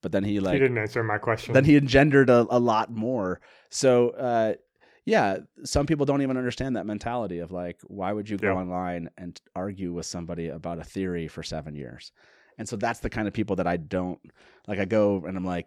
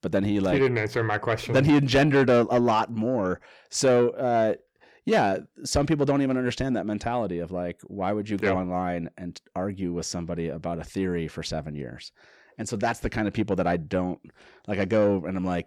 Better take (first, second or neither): first